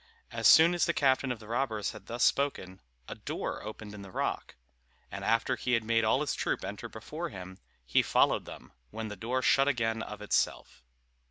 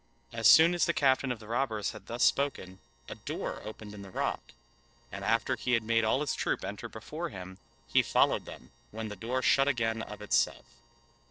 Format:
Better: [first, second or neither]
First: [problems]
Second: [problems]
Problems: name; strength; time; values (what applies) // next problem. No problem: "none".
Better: first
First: none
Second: noise reduction (neural separator model SepFormer DNS4)